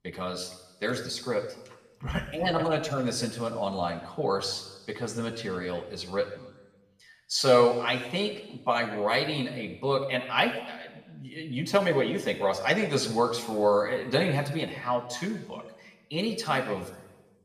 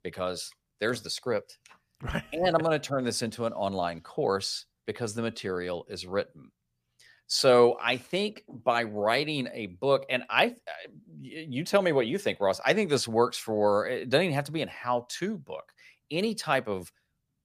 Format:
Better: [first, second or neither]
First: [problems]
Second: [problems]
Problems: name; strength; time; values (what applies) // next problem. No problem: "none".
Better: second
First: room echo; noticeable; dies away in 1 s // off-mic speech; somewhat distant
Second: none